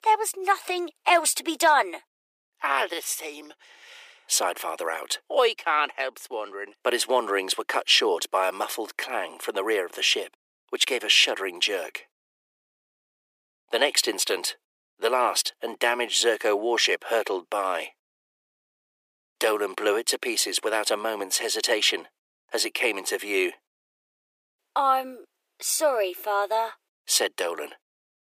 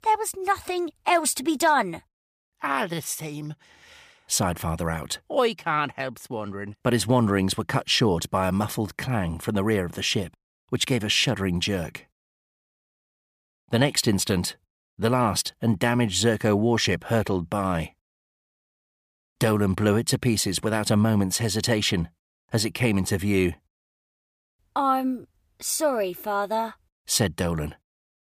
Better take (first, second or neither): second